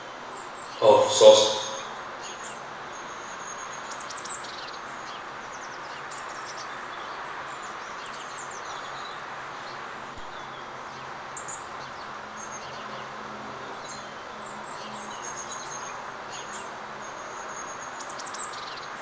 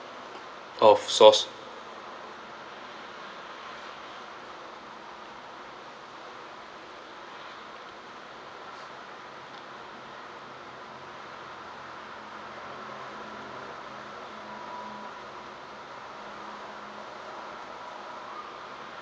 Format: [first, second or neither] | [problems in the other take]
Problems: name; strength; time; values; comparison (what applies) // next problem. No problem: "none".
second | background sound (Bird vocalization, bird call, bird song); 9 dB below the speech // room echo; dies away in 1.1 s